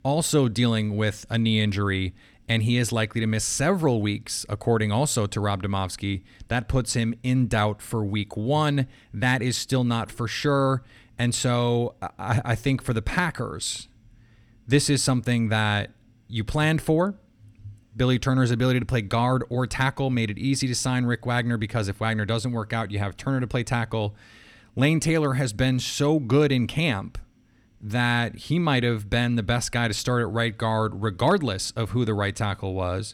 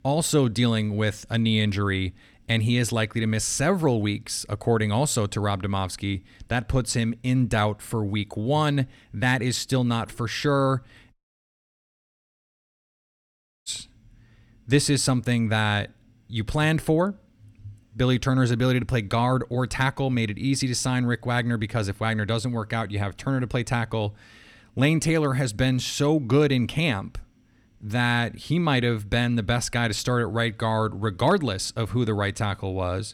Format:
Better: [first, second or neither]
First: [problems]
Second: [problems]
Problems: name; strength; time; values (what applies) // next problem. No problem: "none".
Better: first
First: none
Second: audio cutting out; at 11 s for 2.5 s